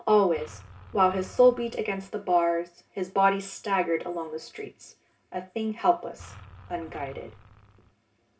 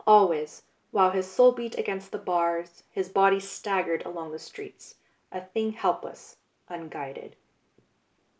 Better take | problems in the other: second | background sound (Engine); 20 dB below the speech // room echo; dies away in 0.4 s

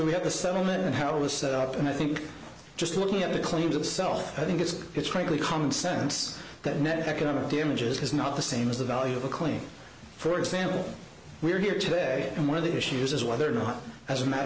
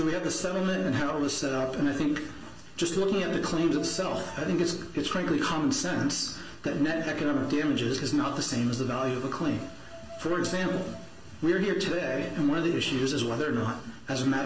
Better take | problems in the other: first | background sound (Bowed string instrument); 19 dB below the speech // room echo; dies away in 0.2 s

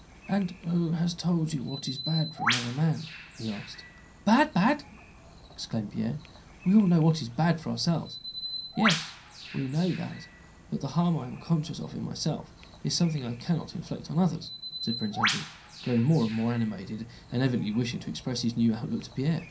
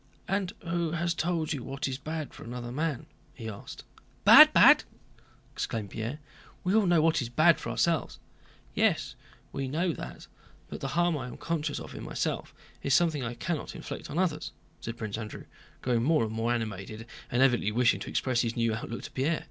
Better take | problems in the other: second | background sound (Bird); 10 dB below the speech // room echo; dies away in 0.3 s

